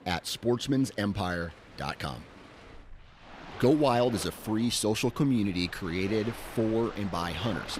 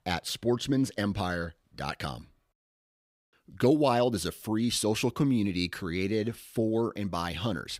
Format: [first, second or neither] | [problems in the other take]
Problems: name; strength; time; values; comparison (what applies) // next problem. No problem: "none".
second | rain or running water; noticeable; throughout; 15 dB below the speech